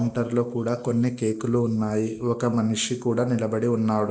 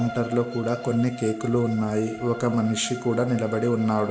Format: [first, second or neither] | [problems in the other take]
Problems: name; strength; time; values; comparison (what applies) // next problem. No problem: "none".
first | background sound (Bowed string instrument); 14 dB below the speech